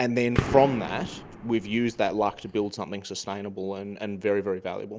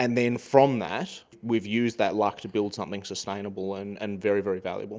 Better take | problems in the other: second | background sound (Gunshot, gunfire); 7 dB below the speech

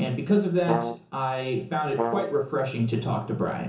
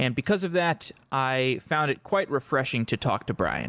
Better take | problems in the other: second | background sound (Brass instrument); 4 dB below the speech // room echo; dies away in 0.6 s

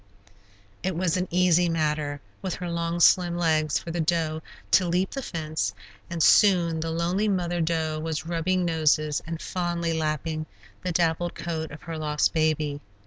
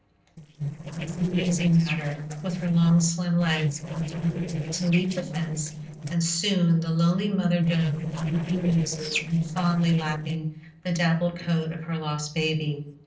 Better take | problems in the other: first | noise reduction (neural separator model SepFormer DNS4)

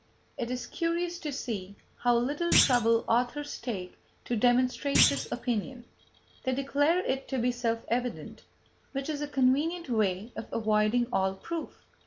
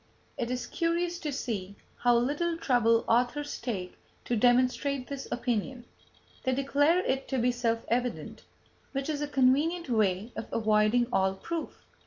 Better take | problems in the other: second | background sound (Thump, thud); 3 dB below the speech

